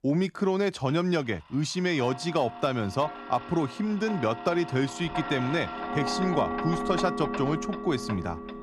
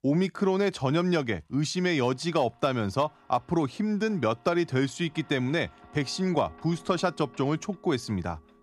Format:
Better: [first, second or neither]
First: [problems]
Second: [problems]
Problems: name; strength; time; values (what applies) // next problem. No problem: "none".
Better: second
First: household noises; loud; throughout; 7 dB below the speech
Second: household noises; faint; throughout; 25 dB below the speech